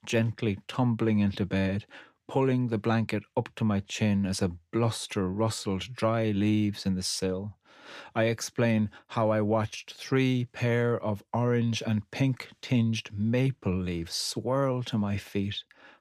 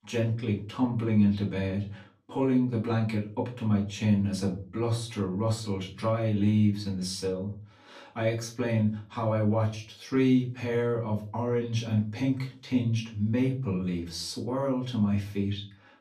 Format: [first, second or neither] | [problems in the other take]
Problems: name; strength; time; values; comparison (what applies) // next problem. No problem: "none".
first | off-mic speech; far // room echo; slight; dies away in 0.3 s